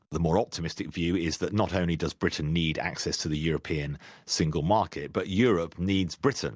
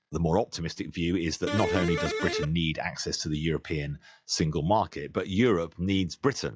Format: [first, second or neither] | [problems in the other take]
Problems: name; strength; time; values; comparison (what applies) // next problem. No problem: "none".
first | noise reduction (classical method log-MMSE)